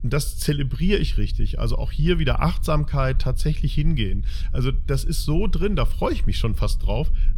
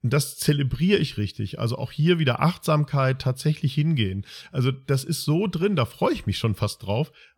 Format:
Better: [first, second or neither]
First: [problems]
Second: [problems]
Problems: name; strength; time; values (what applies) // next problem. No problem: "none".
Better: second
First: low rumble; faint; throughout; 20 dB below the speech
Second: none